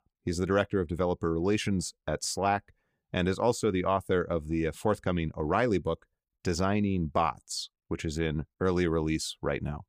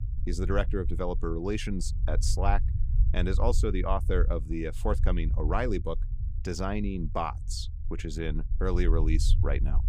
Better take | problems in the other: first | low rumble; noticeable; throughout; 15 dB below the speech

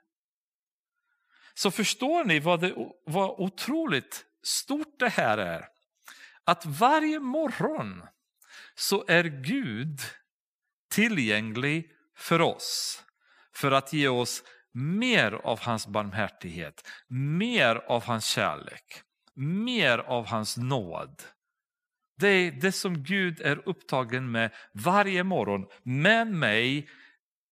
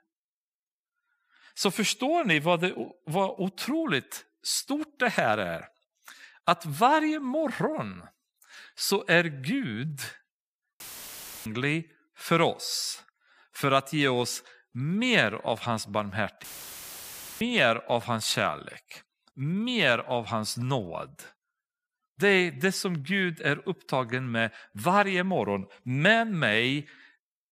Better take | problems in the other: first | audio cutting out; filled with static; at 11 s for 0.5 s and at 16 s for 1 s

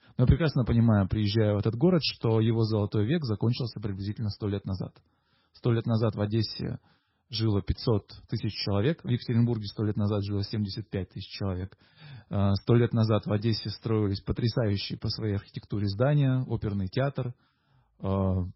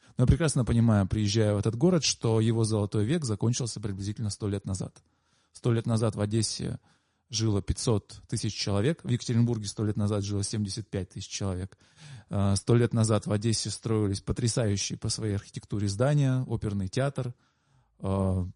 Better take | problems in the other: second | garbled, watery; badly; nothing above 5.5 kHz; slightly in the second

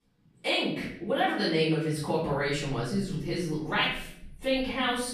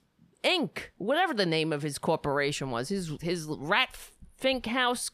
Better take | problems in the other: second | off-mic speech; far // room echo; noticeable; dies away in 0.7 s

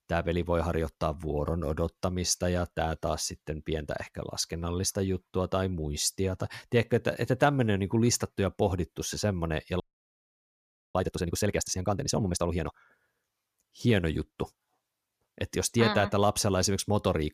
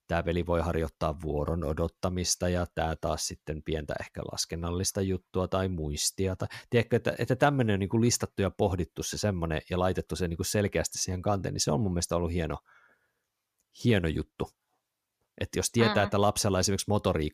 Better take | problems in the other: second | audio freezing; at 10 s for 1 s

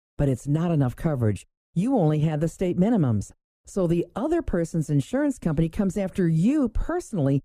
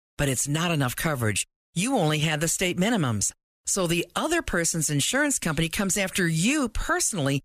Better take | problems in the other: second | muffled; very; fading above 1 kHz

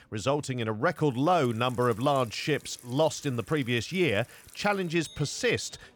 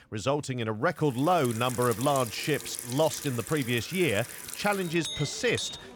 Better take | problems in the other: first | household noises; loud; from 1.5 s on; 9 dB below the speech; faint in the first

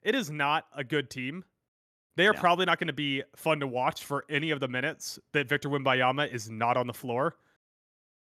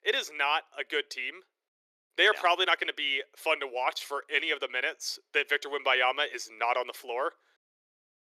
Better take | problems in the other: first | thin; very; fading below 400 Hz

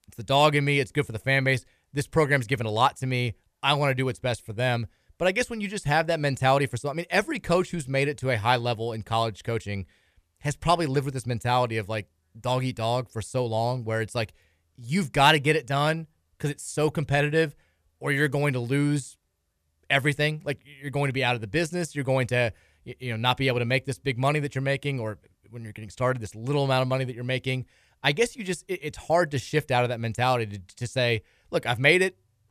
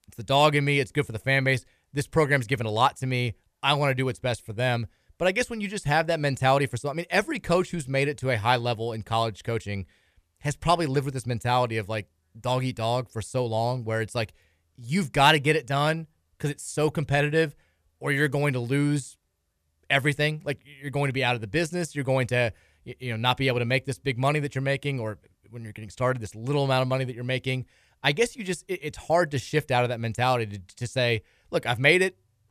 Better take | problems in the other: neither | none

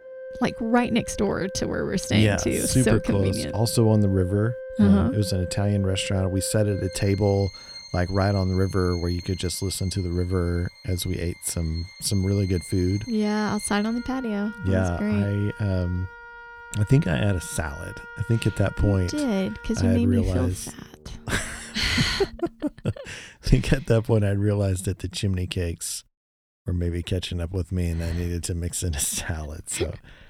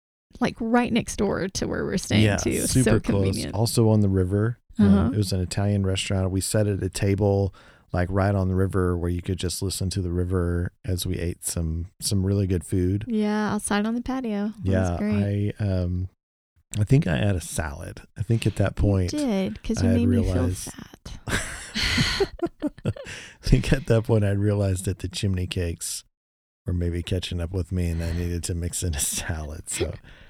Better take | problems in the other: second | background music; noticeable; until 22 s; 15 dB below the speech

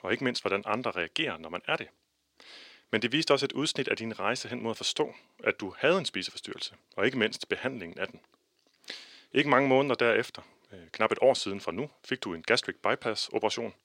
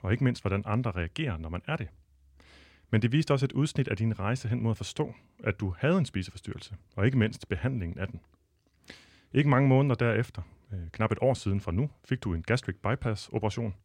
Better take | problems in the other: second | thin; somewhat; fading below 400 Hz

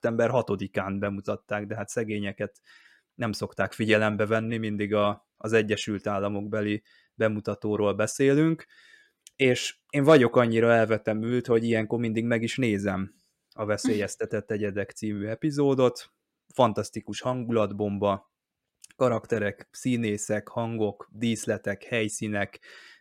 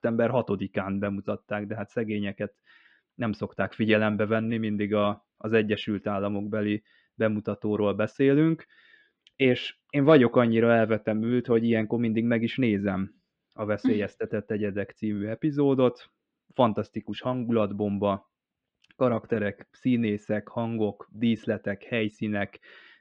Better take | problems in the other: first | muffled; very; fading above 3.5 kHz

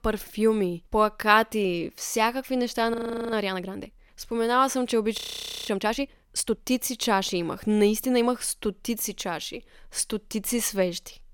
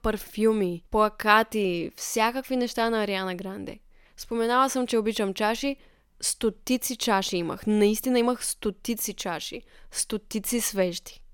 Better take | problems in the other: second | audio freezing; at 3 s and at 5 s for 0.5 s

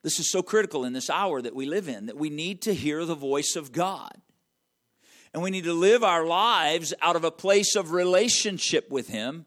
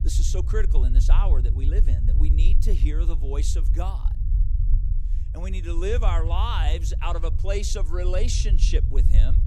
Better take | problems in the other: first | low rumble; noticeable; throughout; 10 dB below the speech

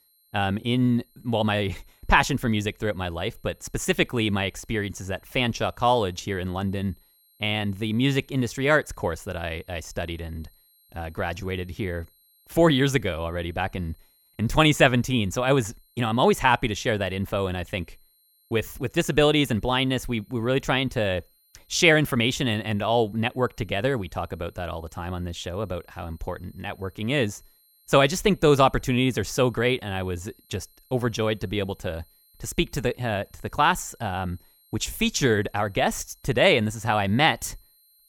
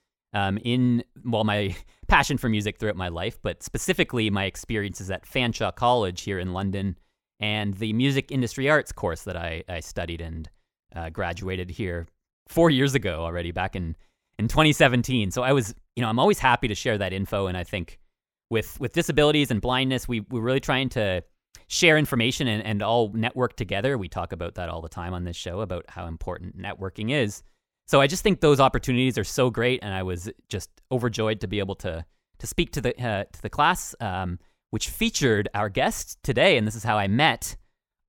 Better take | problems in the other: second | high-pitched whine; faint; throughout; 11.5 kHz, 35 dB below the speech

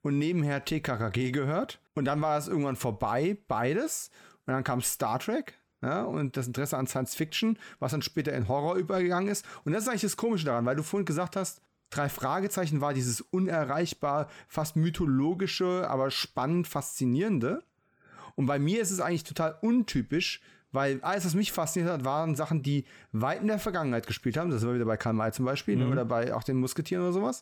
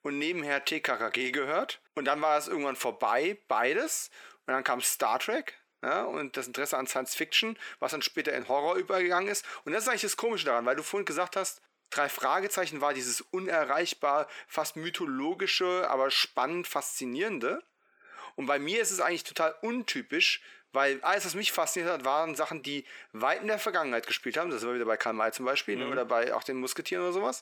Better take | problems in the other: first | thin; somewhat; fading below 350 Hz

